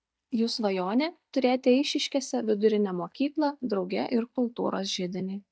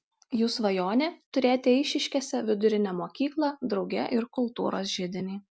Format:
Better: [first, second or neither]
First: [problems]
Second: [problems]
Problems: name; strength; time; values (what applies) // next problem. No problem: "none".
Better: second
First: noise reduction (neural mask model DeepFilterNet 3)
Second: none